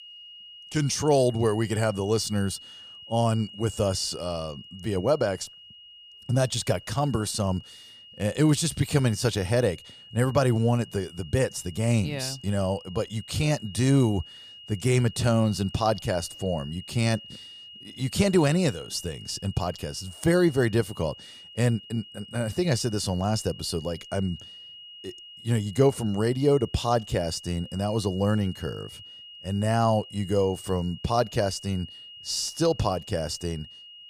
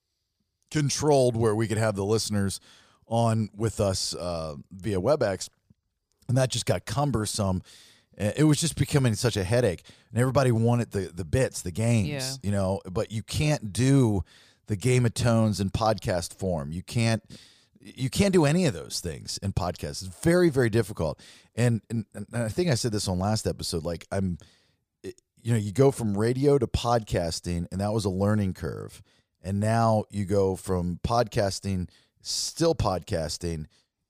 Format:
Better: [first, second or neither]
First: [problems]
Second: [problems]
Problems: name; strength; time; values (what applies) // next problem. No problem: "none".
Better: second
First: high-pitched whine; noticeable; throughout; 3 kHz, 15 dB below the speech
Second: none